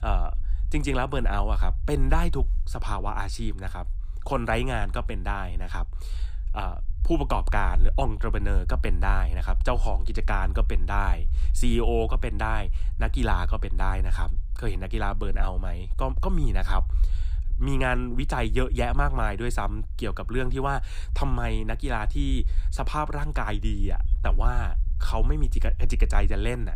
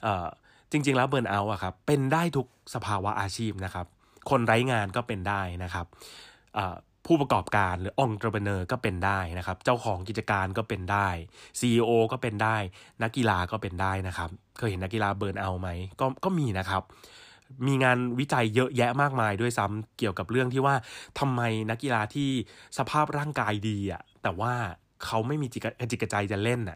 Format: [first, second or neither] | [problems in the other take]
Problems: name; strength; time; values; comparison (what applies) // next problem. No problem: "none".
second | low rumble; faint; throughout; 20 dB below the speech